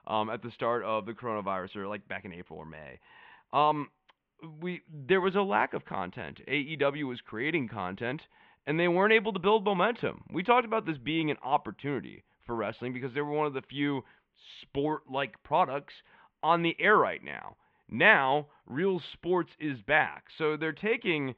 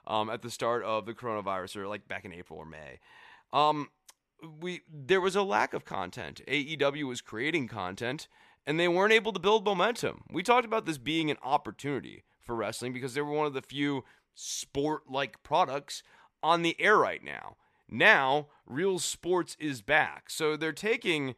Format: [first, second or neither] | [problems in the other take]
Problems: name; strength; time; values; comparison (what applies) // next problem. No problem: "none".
second | muffled; very; fading above 3 kHz